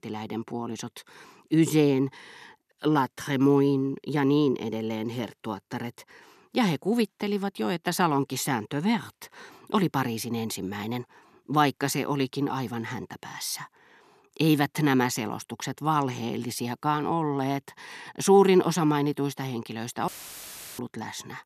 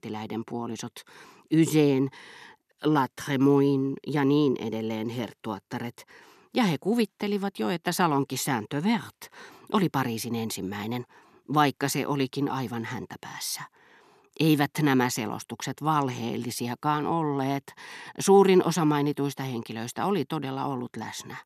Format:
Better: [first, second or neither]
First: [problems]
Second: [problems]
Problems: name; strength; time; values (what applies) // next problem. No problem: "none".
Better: second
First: audio cutting out; filled with static; at 20 s for 0.5 s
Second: none